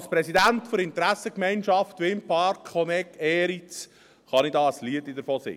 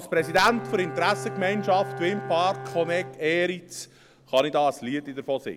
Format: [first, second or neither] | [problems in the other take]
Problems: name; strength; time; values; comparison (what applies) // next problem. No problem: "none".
first | background sound (Bowed string instrument); 12 dB below the speech